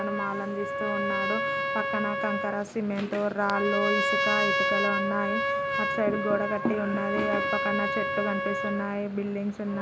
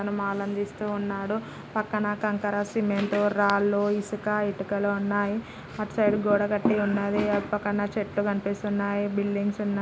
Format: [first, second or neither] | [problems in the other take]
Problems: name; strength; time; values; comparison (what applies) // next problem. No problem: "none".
second | background sound (Trumpet); as loud as the speech